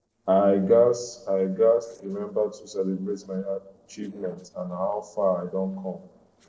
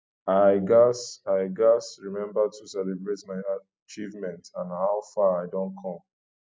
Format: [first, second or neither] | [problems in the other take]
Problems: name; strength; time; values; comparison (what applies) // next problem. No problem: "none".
second | noise reduction (neural separator model SepFormer DNS4)